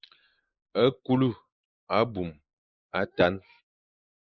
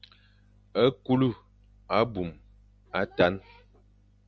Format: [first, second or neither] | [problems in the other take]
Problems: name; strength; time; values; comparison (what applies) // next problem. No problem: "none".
second | noise reduction (neural mask model Resemble Enhance denoiser)